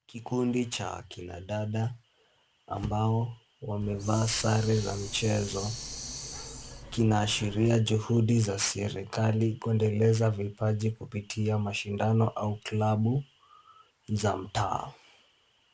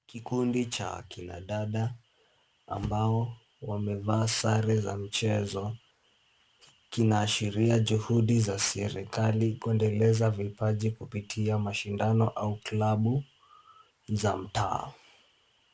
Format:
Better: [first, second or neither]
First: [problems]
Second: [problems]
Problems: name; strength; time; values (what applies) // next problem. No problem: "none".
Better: second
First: background sound (Hiss); 12 dB below the speech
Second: none